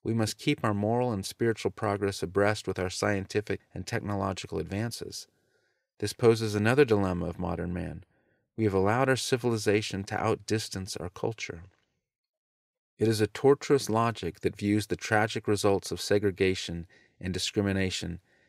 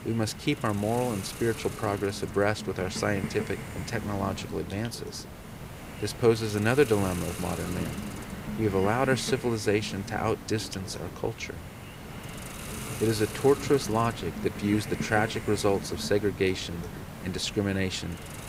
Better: first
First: none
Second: hiss; loud; throughout; 9 dB below the speech

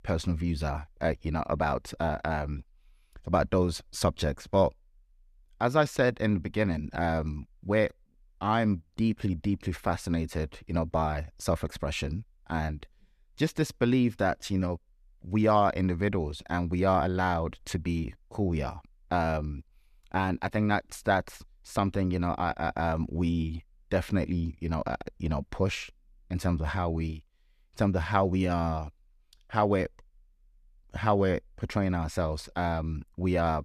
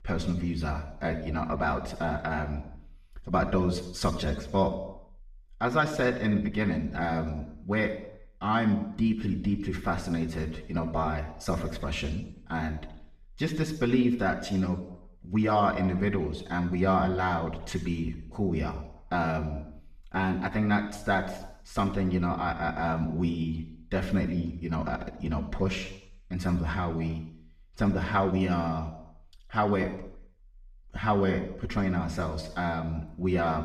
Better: first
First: none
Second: room echo; slight; dies away in 0.8 s // off-mic speech; far

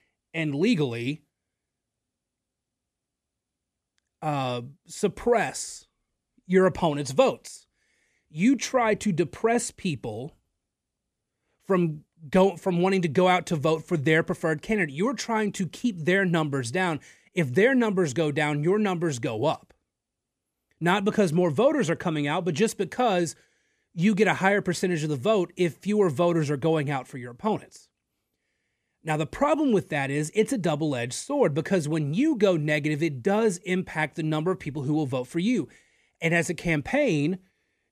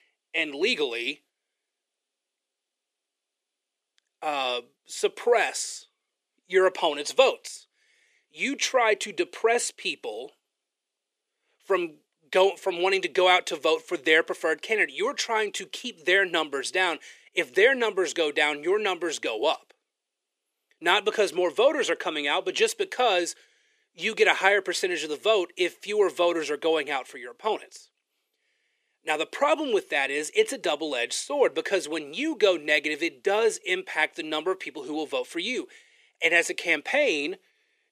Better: first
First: none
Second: thin; very; fading below 400 Hz

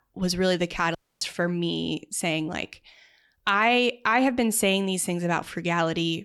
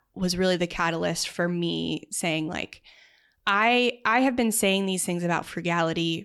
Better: second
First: audio cutting out; at 1 s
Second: none

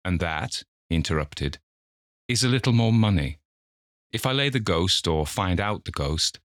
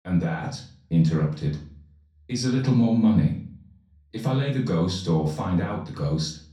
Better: first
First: none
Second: room echo; noticeable; dies away in 0.6 s // off-mic speech; far

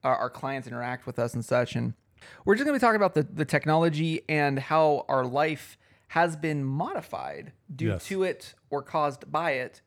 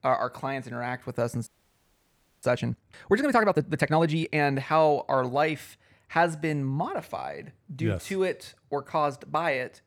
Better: first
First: none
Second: audio freezing; at 1.5 s for 1 s

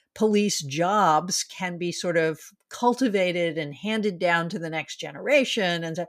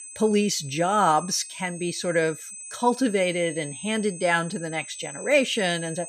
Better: first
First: none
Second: high-pitched whine; noticeable; throughout; 8 kHz, 15 dB below the speech

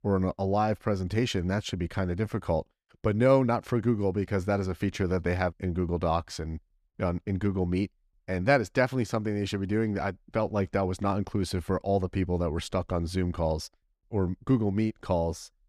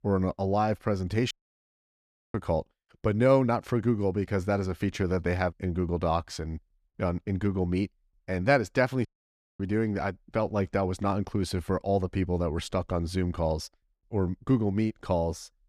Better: first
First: none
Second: audio cutting out; at 1.5 s for 1 s and at 9 s for 0.5 s

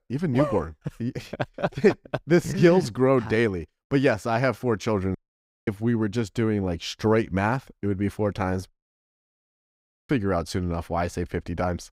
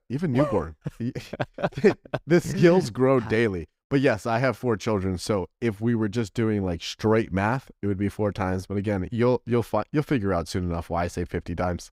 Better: second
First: audio cutting out; at 5 s for 0.5 s and at 8.5 s for 1.5 s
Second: none

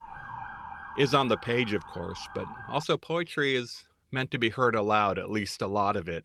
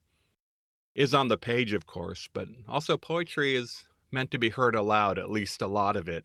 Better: second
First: siren; faint; until 3 s; peak 10 dB below the speech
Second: none

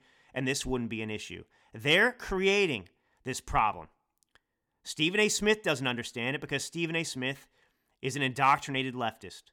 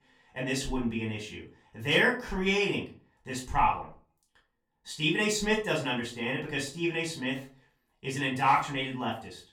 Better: first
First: none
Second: off-mic speech; far // room echo; slight; dies away in 0.3 s

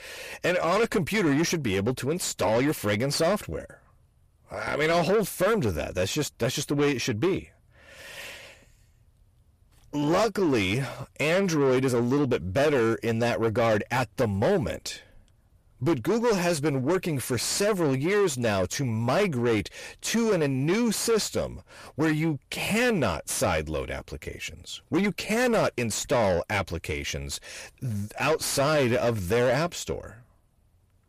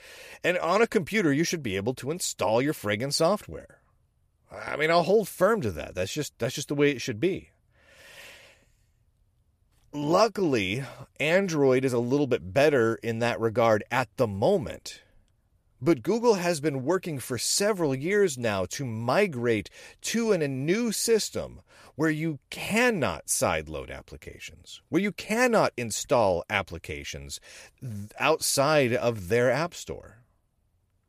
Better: second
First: distortion; heavy; 8 dB below the speech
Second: none

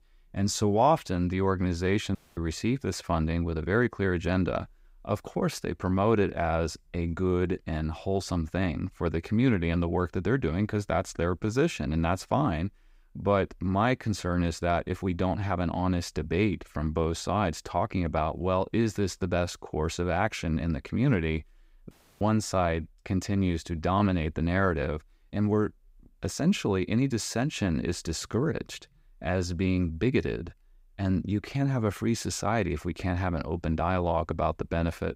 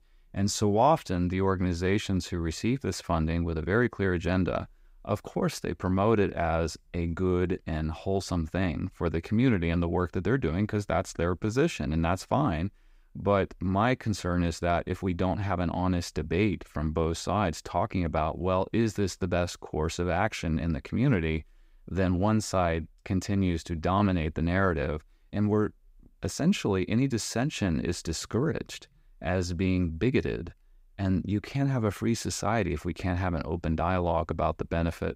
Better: second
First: audio cutting out; at 2 s and at 22 s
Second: none

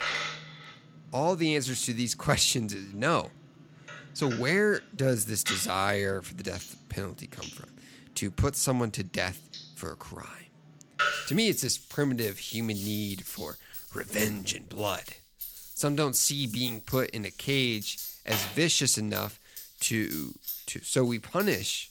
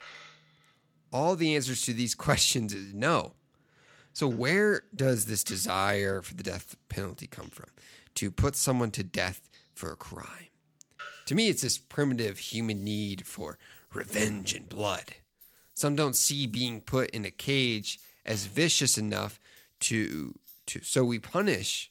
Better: second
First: household noises; loud; throughout; 9 dB below the speech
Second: household noises; faint; throughout; 25 dB below the speech

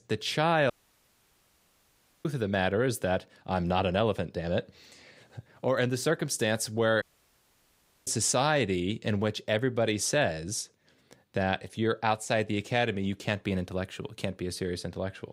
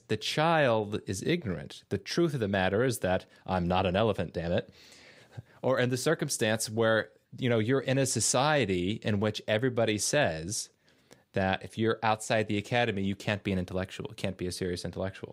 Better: second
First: audio cutting out; at 0.5 s for 1.5 s and at 7 s for 1 s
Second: none

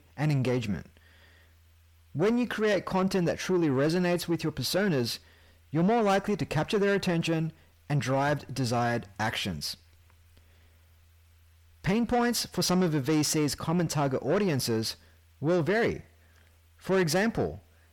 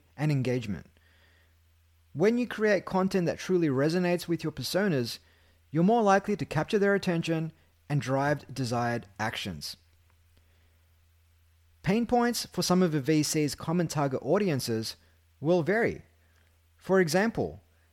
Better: second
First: distortion; slight; 10 dB below the speech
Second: none

